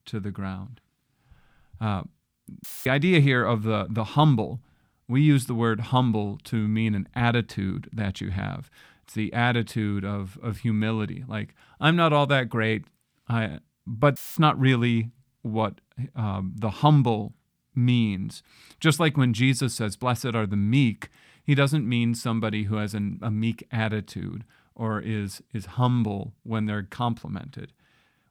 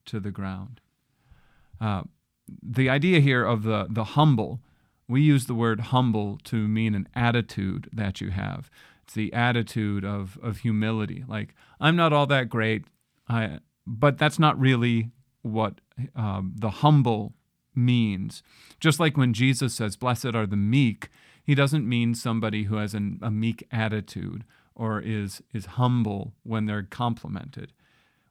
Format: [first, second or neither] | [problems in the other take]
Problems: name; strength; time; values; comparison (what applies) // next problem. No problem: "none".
second | audio cutting out; filled with static; at 2.5 s and at 14 s